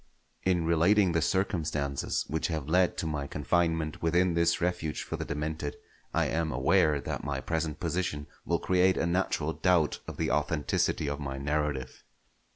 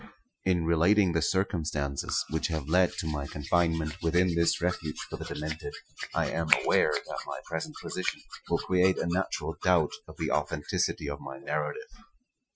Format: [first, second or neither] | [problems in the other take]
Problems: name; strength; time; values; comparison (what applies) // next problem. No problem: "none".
first | noise reduction (classical method Wiener filter)